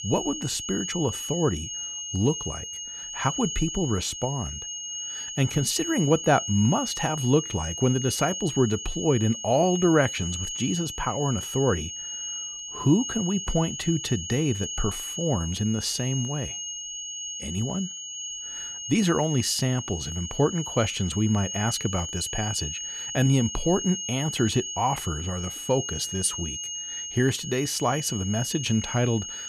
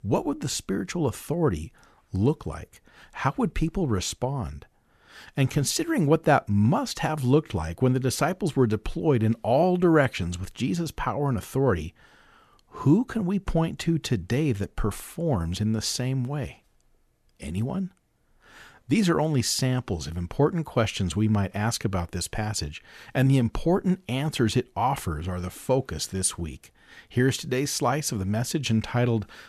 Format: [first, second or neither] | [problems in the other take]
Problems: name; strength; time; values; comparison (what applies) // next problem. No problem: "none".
second | high-pitched whine; loud; throughout; 6.5 kHz, 6 dB below the speech